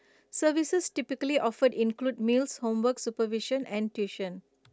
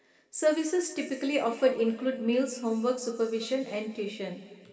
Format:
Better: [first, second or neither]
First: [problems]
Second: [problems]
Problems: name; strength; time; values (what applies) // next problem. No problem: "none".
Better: first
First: none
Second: room echo; dies away in 2.2 s